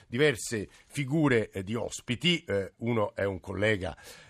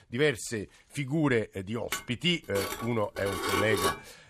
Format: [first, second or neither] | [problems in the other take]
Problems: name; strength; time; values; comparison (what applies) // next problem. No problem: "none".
first | clattering dishes; loud; from 2 s on; peak 3 dB above the speech